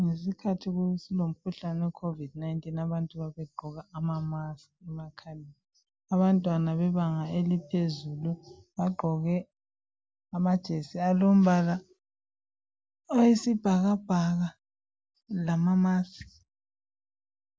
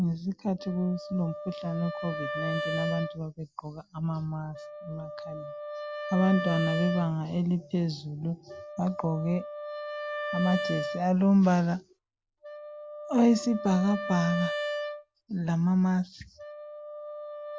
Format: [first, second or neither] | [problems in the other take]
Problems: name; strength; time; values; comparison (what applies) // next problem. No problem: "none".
first | background sound (Wind instrument, woodwind instrument); 8 dB below the speech